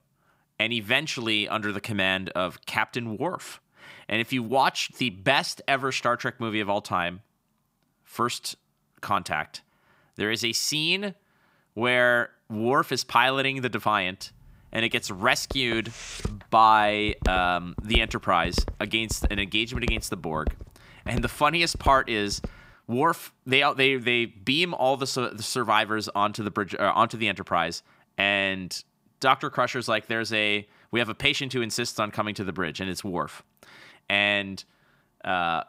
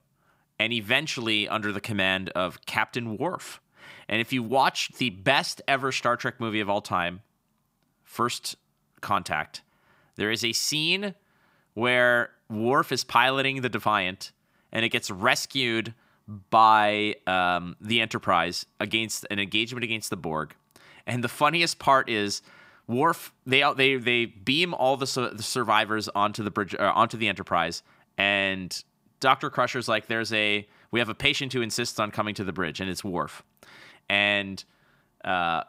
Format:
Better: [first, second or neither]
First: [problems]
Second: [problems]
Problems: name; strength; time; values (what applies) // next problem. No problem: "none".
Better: second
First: footsteps; noticeable; from 16 to 22 s; peak 7 dB below the speech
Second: none